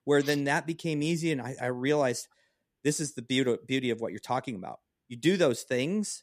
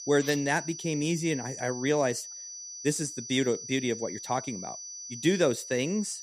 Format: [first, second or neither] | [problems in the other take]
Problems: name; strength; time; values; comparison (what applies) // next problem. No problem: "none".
first | high-pitched whine; loud; throughout; 6 kHz, 10 dB below the speech